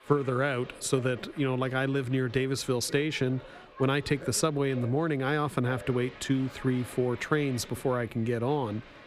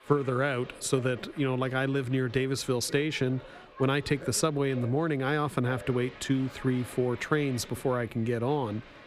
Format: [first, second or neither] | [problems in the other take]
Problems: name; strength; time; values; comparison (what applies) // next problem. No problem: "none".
neither | crowd noise; noticeable; throughout; 20 dB below the speech; the same in both